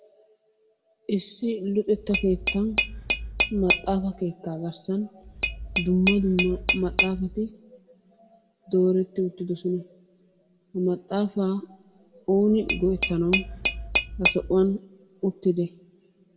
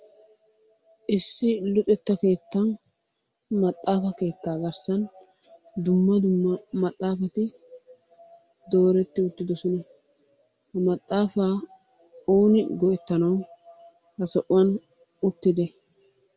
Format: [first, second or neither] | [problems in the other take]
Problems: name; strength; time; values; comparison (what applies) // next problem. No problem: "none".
second | background sound (Tap / Glass); 2 dB below the speech // room echo; dies away in 0.7 s